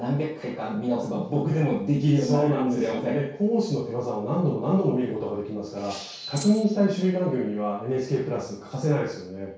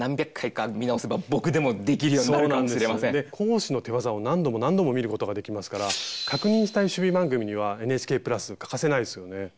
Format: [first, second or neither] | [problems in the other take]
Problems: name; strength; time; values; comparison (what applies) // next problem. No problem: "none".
second | noise reduction (neural separator model SepFormer DNS4)